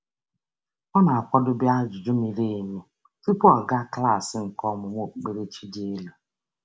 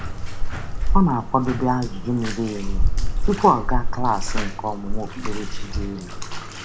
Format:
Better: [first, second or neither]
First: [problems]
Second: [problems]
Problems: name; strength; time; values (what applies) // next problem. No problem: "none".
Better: first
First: none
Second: background sound (Bathtub (filling or washing)); 3 dB above the speech